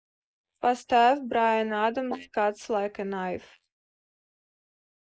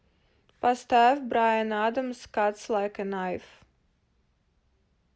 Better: second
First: noise reduction (neural mask model Resemble Enhance denoiser)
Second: none

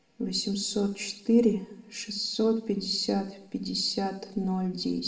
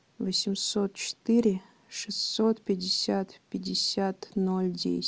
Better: second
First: room echo; dies away in 0.6 s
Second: none

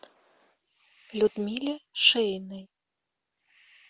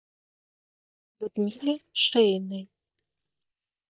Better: first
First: none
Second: noise reduction (neural mask model DeepFilterNet 3)

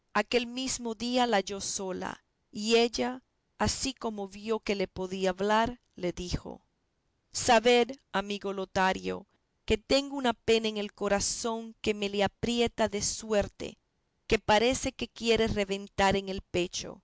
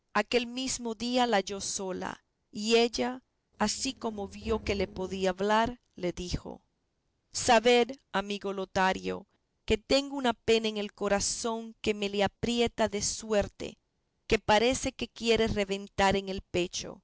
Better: first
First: none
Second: noise reduction (neural separator model SepFormer DNS4)

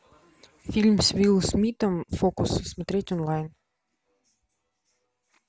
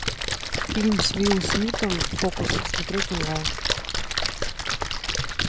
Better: first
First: none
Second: background sound (Splash, splatter); 1 dB above the speech

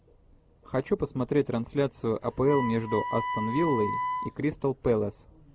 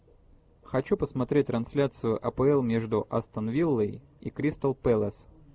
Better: second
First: background sound (Wind instrument, woodwind instrument); 6 dB below the speech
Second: none

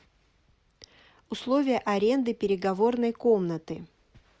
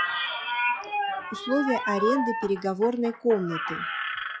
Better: first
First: none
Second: noise reduction (classical method log-MMSE)

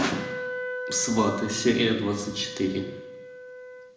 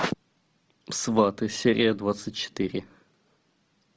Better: second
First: background sound (Wind instrument, woodwind instrument); 9 dB below the speech // room echo; dies away in 0.9 s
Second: none

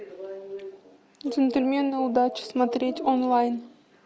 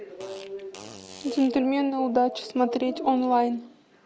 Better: first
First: none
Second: background sound (Fart); 20 dB below the speech

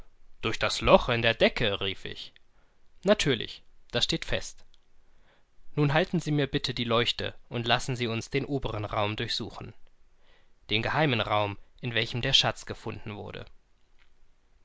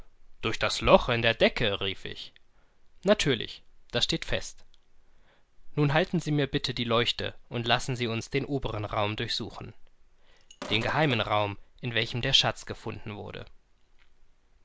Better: first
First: none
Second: background sound (Sink (filling or washing)); 14 dB below the speech

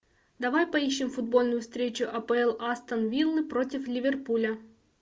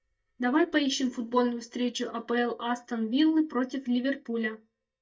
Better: first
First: none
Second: noise reduction (neural mask model DeepFilterNet 3)

